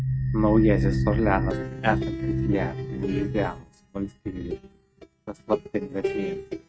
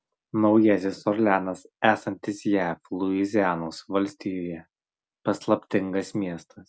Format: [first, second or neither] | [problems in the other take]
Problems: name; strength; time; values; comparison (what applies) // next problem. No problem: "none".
second | noise reduction (neural mask model RNNoise)